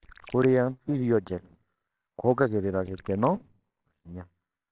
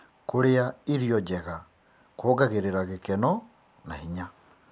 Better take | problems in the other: second | noise reduction (neural separator model SepFormer WHAMR!)

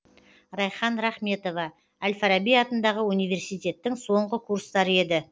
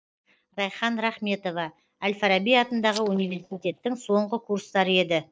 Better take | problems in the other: first | noise reduction (neural mask model DeepFilterNet 3)

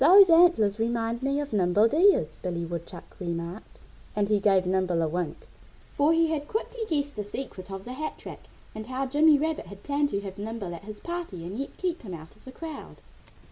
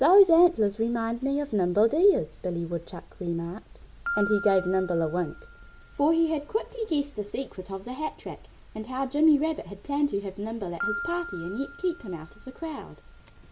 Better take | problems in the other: first | background sound (Piano); 15 dB below the speech

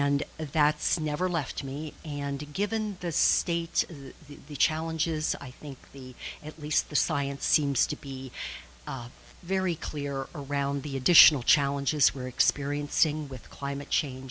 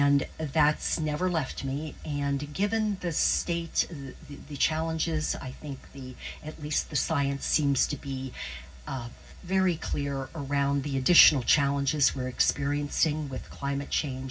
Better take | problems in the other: first | room echo; dies away in 0.4 s

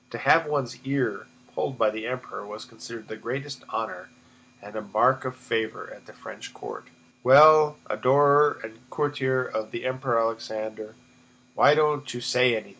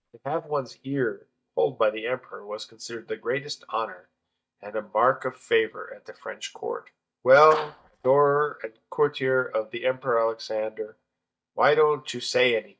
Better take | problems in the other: first | noise reduction (neural mask model DeepFilterNet 3)

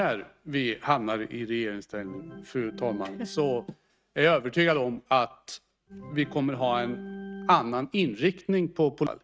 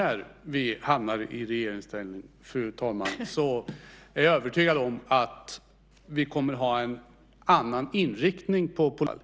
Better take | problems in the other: second | noise reduction (neural mask model RNNoise)

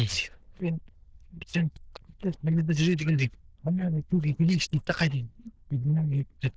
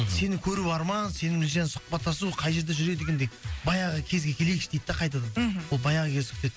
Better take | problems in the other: second | noise reduction (neural diffusion model UNIVERSE++)

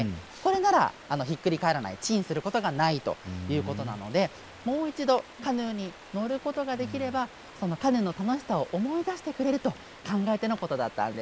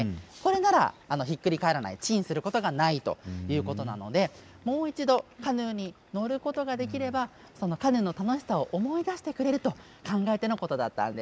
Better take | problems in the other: second | background sound (Stream); 20 dB below the speech

